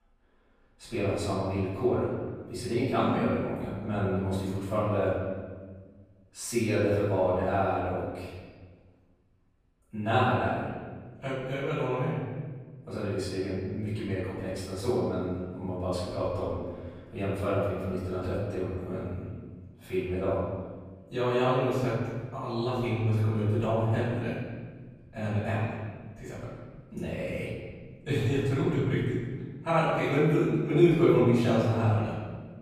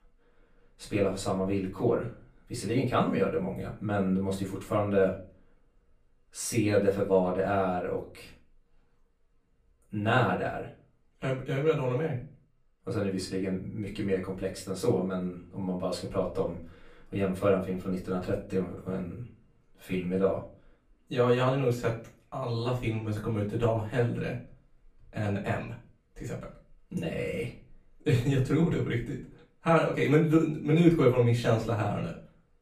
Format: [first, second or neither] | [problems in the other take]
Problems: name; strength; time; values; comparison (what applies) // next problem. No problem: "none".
second | room echo; strong; dies away in 1.5 s; slight in the second // off-mic speech; far; far in the second